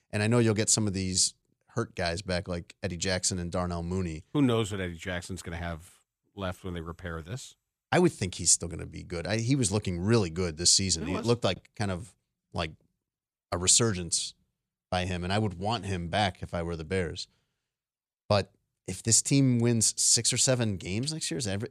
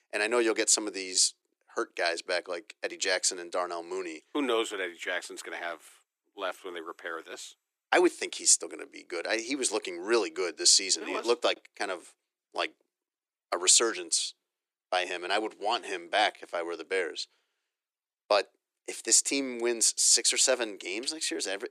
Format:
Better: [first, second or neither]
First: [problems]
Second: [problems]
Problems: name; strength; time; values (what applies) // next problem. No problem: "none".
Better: first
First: none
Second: thin; very; fading below 300 Hz